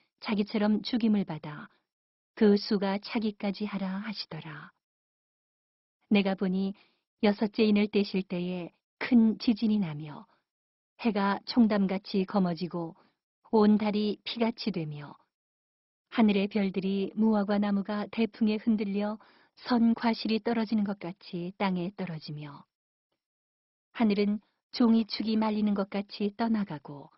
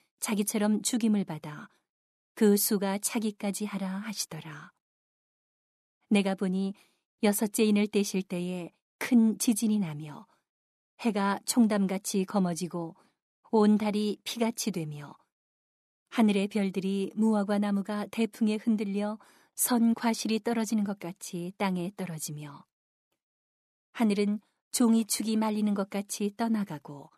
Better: second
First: garbled, watery; badly; nothing above 5.5 kHz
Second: none

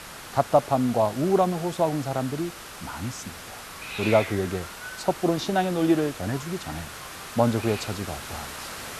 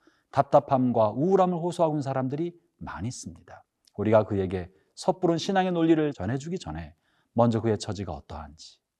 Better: second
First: hiss; noticeable; throughout; 10 dB below the speech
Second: none

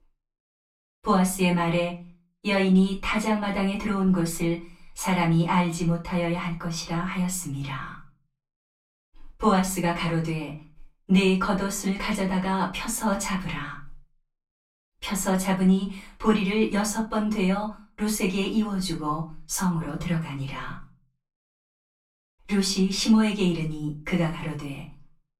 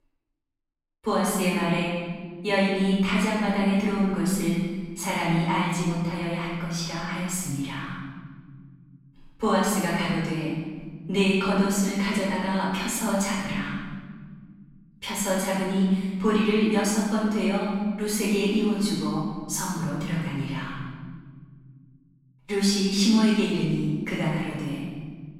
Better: first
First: room echo; slight; dies away in 0.3 s // off-mic speech; far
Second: room echo; strong; dies away in 1.8 s // off-mic speech; far

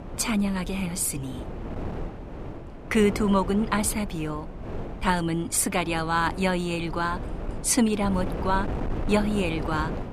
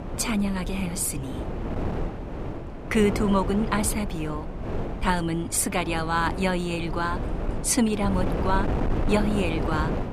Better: first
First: wind noise on the microphone; occasional gusts; 10 dB below the speech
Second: wind noise on the microphone; heavy; 8 dB below the speech

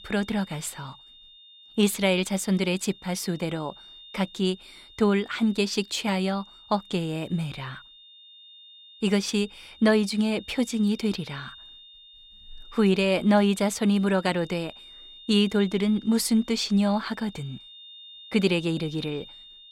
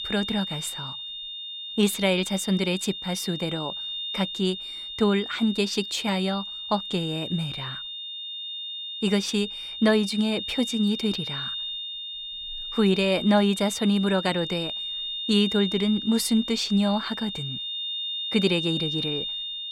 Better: first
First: high-pitched whine; faint; throughout; 3.5 kHz, 20 dB below the speech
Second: high-pitched whine; loud; throughout; 3.5 kHz, 6 dB below the speech

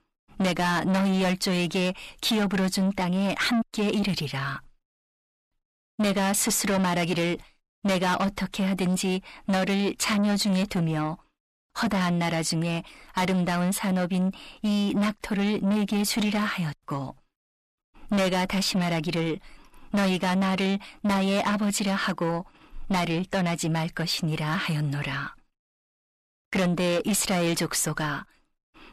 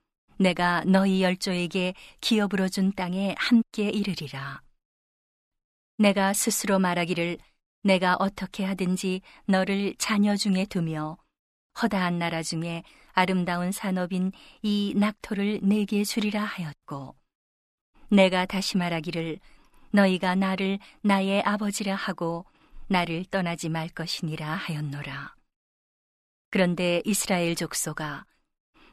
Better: second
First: distortion; heavy; 7 dB below the speech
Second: none

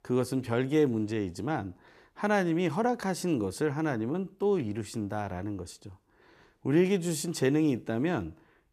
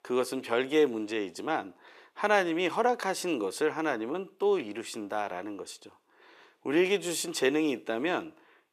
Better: first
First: none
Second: thin; somewhat; fading below 450 Hz

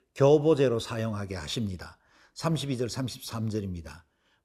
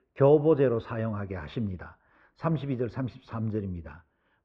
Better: first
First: none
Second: muffled; very; fading above 2 kHz

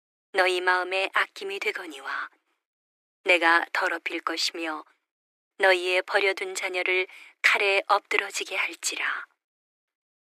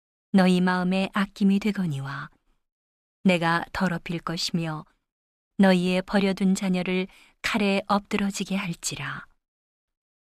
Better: second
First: thin; very; fading below 300 Hz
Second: none

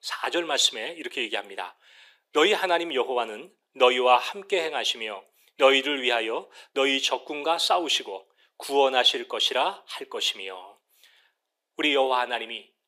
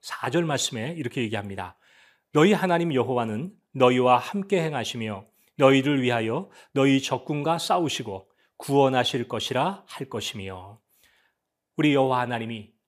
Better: second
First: thin; somewhat; fading below 350 Hz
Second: none

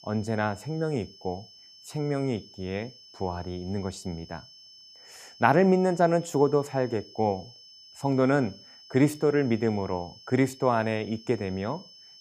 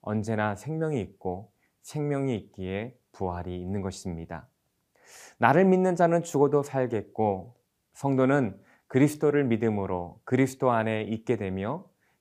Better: second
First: high-pitched whine; faint; throughout; 5.5 kHz, 20 dB below the speech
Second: none

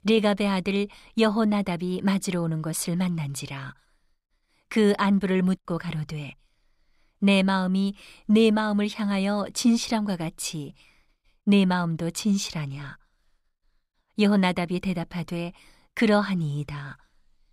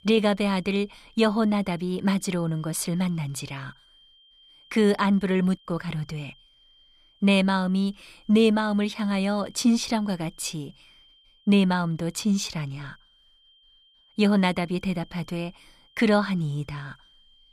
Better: first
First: none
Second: high-pitched whine; faint; throughout; 3 kHz, 30 dB below the speech

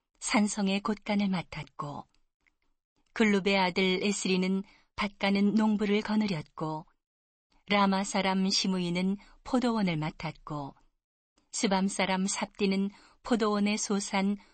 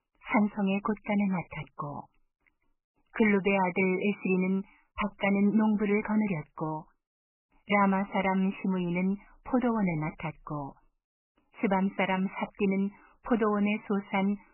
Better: first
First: garbled, watery; slightly; nothing above 8 kHz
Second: garbled, watery; badly; nothing above 2.5 kHz

